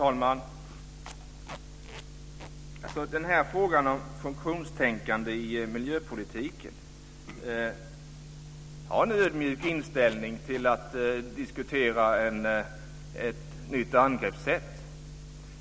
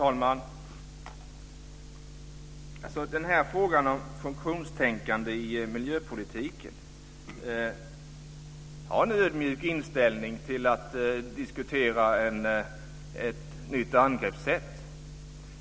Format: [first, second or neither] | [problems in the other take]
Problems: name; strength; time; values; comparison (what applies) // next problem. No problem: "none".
second | background sound (Packing tape, duct tape + Clapping); 20 dB below the speech